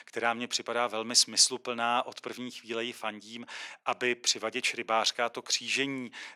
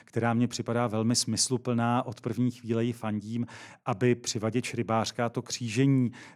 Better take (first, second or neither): second